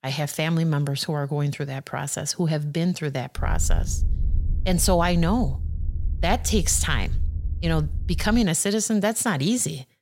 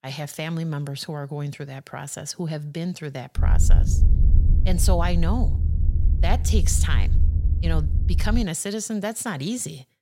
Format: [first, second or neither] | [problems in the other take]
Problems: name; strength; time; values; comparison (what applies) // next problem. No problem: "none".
first | low rumble; loud; from 3.5 to 8.5 s; 9 dB below the speech; faint in the first